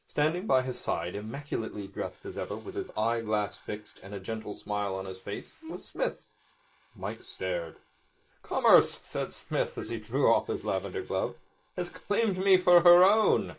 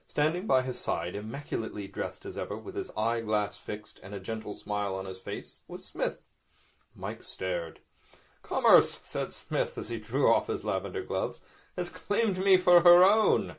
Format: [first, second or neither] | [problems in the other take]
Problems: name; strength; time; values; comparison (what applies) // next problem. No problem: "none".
second | noise reduction (neural mask model Resemble Enhance denoiser)